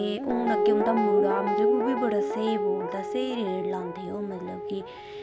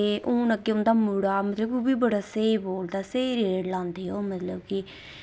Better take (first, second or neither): second